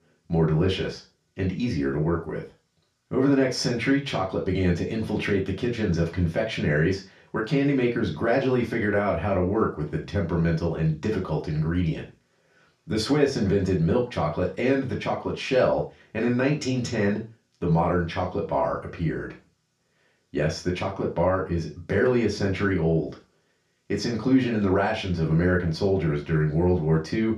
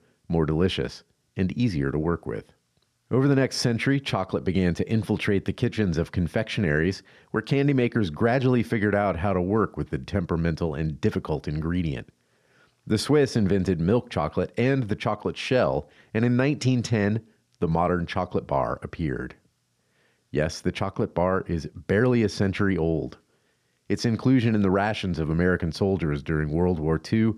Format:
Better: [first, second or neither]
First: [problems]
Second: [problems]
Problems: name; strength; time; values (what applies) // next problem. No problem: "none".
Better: second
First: room echo; slight; dies away in 0.3 s // off-mic speech; far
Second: none